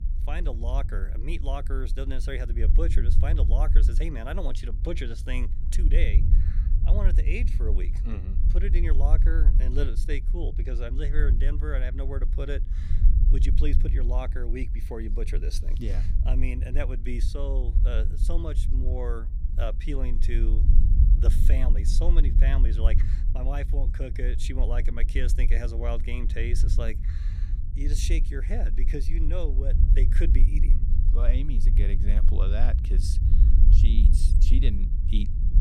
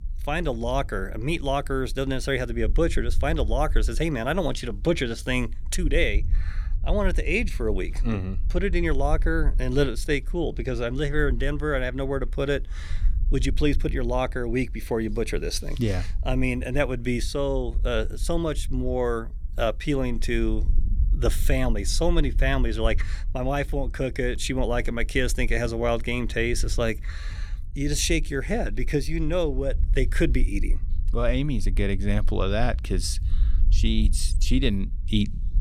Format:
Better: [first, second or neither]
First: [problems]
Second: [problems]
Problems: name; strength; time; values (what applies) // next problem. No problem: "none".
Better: second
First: low rumble; loud; throughout; 8 dB below the speech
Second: low rumble; faint; throughout; 25 dB below the speech